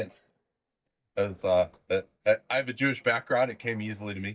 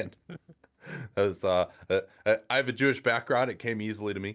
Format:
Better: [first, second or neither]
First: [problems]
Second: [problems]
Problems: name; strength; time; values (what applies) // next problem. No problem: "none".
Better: second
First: noise reduction (neural mask model DeepFilterNet 3)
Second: none